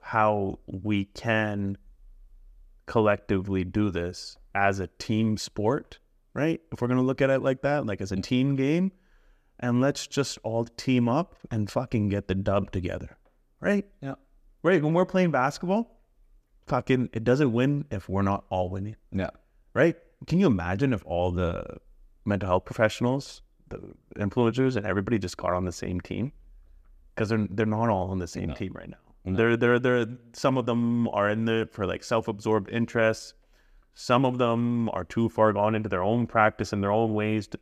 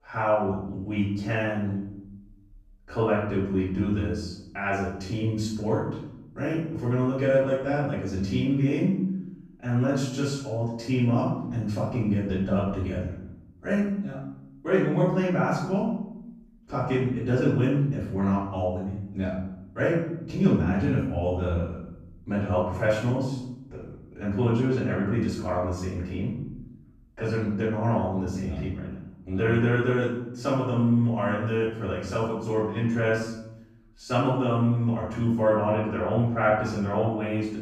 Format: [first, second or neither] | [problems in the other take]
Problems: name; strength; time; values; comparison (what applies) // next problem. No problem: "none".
first | off-mic speech; far // room echo; noticeable; dies away in 0.8 s